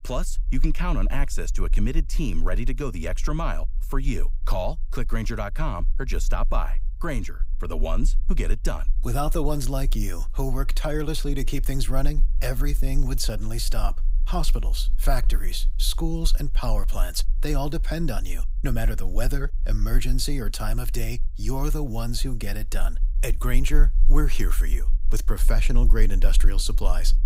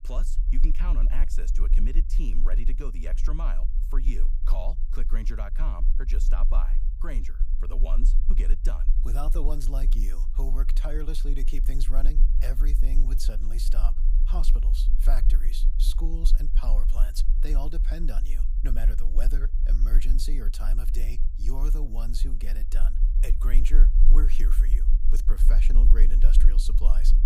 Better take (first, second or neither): first